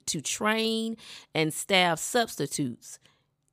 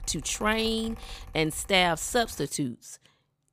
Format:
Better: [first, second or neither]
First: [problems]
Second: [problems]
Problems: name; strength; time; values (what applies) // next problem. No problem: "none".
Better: first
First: none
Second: machinery noise; noticeable; until 2.5 s; 20 dB below the speech